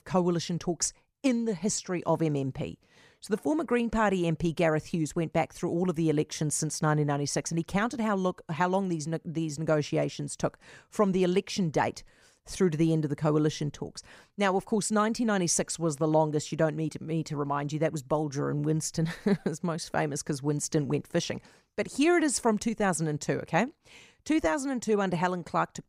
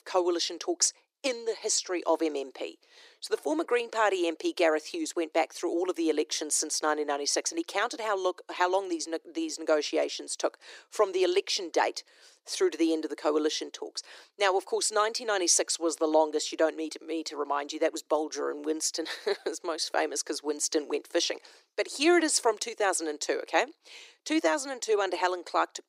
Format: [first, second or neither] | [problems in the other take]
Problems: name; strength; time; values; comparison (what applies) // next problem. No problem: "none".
first | thin; very; fading below 300 Hz